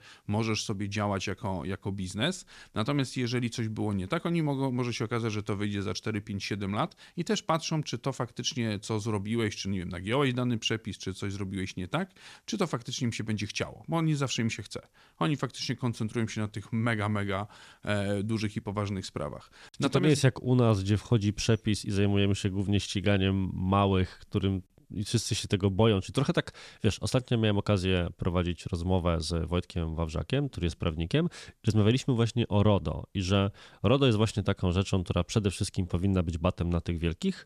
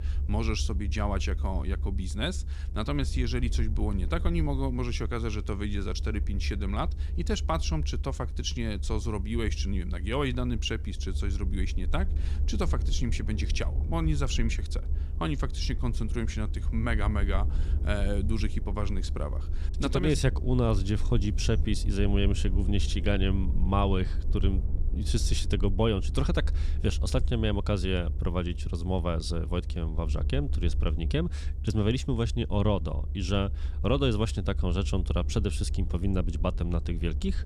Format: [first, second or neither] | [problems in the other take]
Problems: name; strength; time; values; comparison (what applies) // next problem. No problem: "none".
first | low rumble; noticeable; throughout; 15 dB below the speech